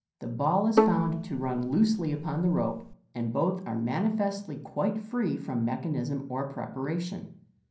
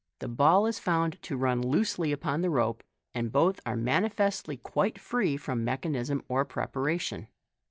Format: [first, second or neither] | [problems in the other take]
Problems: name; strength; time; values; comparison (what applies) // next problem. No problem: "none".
second | background sound (Bowed string instrument); 1 dB below the speech // room echo; dies away in 0.6 s